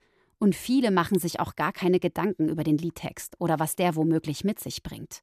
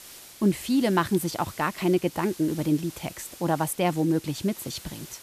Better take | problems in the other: first | hiss; noticeable; throughout; 15 dB below the speech

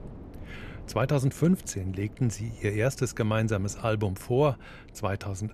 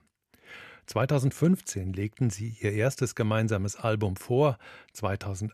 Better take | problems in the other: second | wind noise on the microphone; occasional gusts; 20 dB below the speech

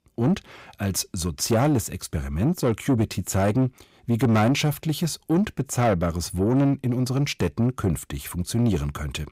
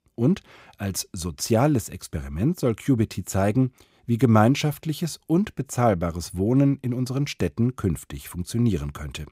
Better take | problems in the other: second | distortion; slight; 10 dB below the speech

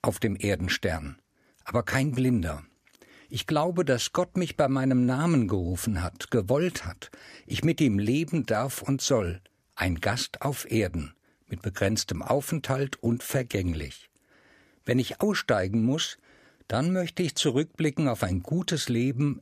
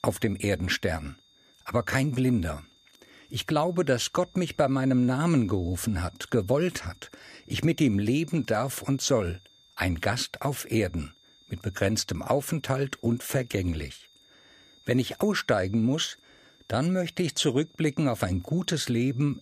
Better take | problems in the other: first | high-pitched whine; faint; throughout; 3.5 kHz, 30 dB below the speech

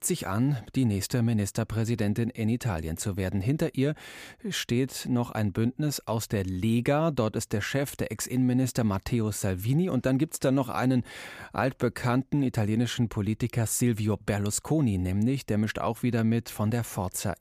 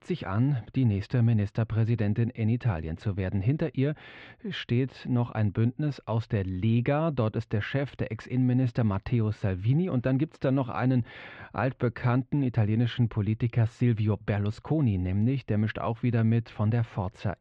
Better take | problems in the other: first | muffled; very; fading above 3.5 kHz

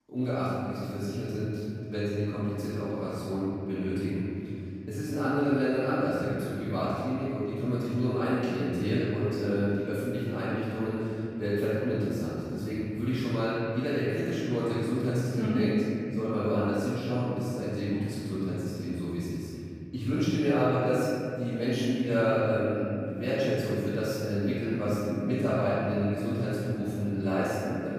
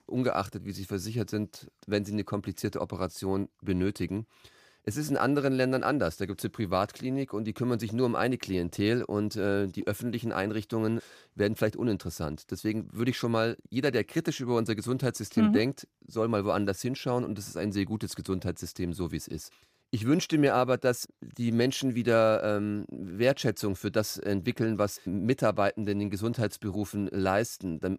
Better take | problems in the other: second | room echo; strong; dies away in 2.8 s // off-mic speech; far

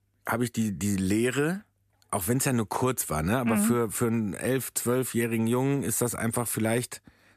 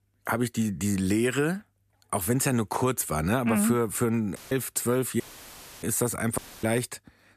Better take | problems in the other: first | audio cutting out; filled with static; at 4.5 s, at 5 s for 0.5 s and at 6.5 s

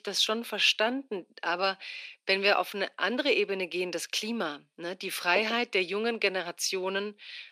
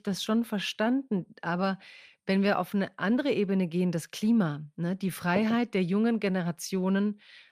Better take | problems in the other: second | thin; somewhat; fading below 300 Hz

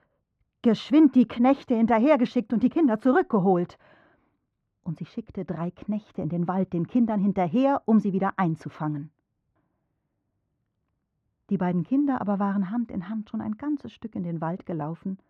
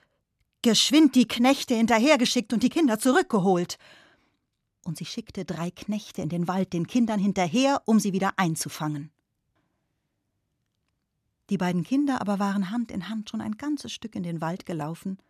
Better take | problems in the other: second | muffled; very; fading above 4 kHz

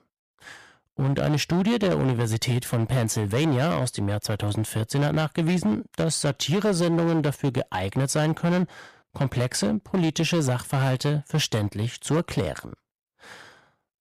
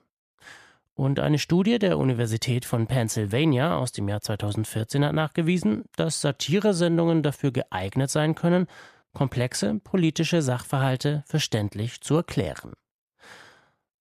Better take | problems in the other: second | distortion; slight; 12% of the sound clipped

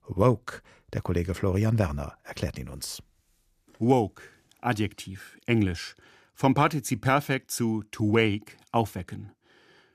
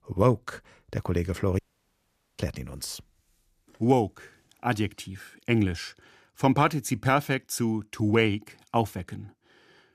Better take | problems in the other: first | audio cutting out; at 1.5 s for 1 s

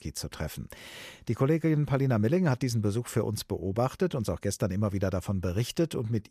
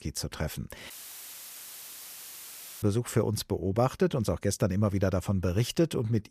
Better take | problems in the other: first | audio cutting out; filled with static; at 1 s for 2 s

